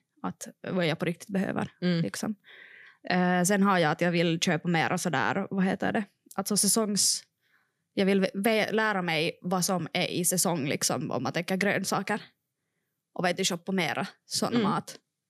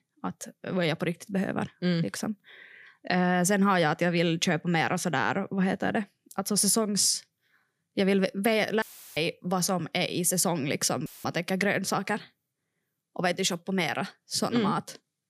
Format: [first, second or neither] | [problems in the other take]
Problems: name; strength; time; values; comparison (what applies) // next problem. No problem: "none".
first | audio cutting out; filled with static; at 9 s and at 11 s